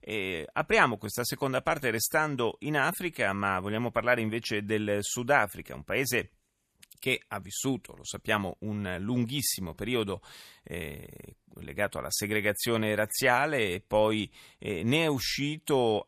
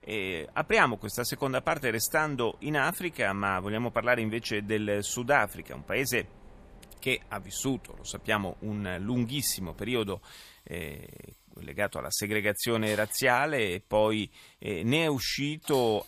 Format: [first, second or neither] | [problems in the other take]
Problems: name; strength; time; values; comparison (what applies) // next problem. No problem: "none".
first | machinery noise; faint; throughout; 25 dB below the speech